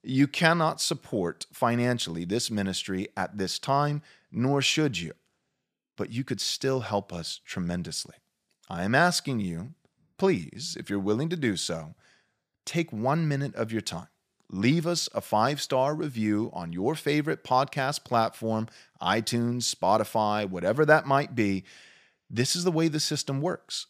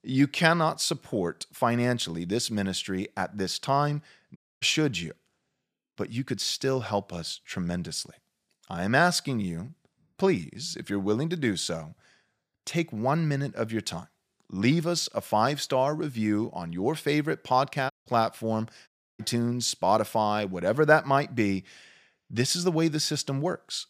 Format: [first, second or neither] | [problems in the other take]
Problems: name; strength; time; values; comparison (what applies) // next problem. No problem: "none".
first | audio cutting out; at 4.5 s, at 18 s and at 19 s